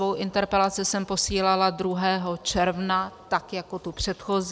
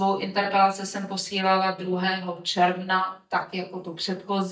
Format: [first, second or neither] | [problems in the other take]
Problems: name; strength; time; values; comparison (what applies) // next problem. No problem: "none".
first | noise reduction (neural mask model DeepFilterNet 3)